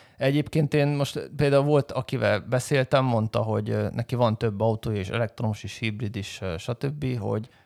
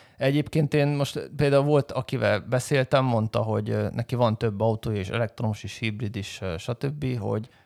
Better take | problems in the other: neither | none

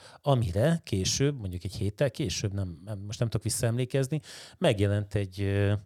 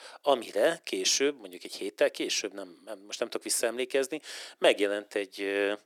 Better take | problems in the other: first | thin; very; fading below 300 Hz

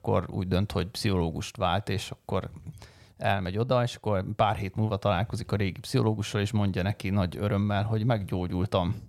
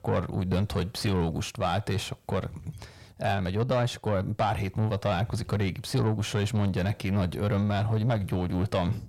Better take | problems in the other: first | distortion; slight; 9 dB below the speech

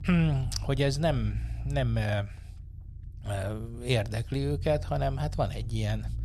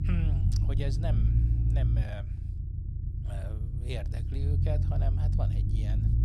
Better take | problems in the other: first | low rumble; loud; throughout; 1 dB below the speech; faint in the first

